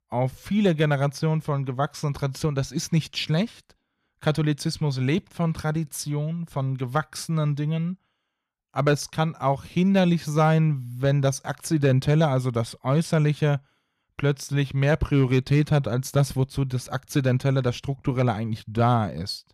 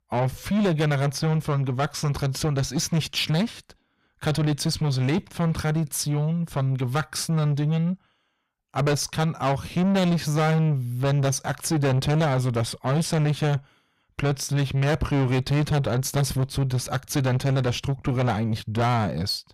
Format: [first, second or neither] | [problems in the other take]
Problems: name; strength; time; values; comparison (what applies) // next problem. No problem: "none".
first | distortion; heavy; 8 dB below the speech